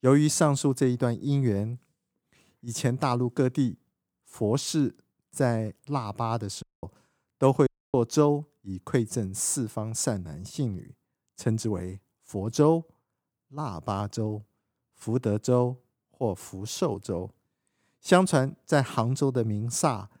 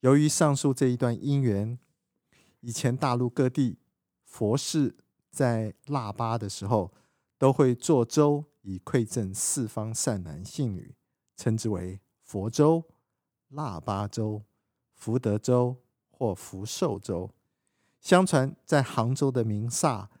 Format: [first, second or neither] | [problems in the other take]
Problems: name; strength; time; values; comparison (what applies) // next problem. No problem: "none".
second | audio cutting out; at 6.5 s and at 7.5 s